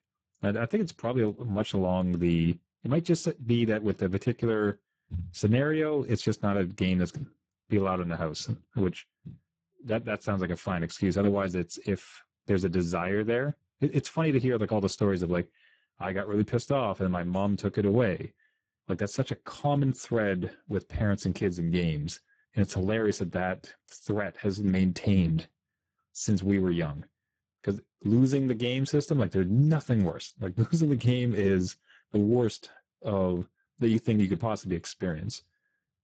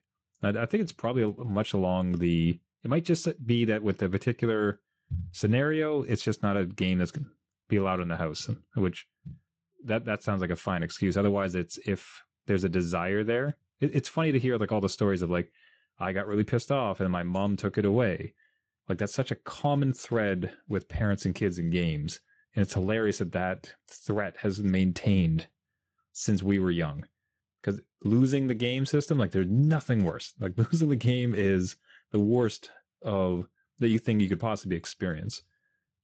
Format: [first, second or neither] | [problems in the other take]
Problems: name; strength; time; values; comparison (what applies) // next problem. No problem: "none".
second | garbled, watery; badly; nothing above 7.5 kHz; slightly in the second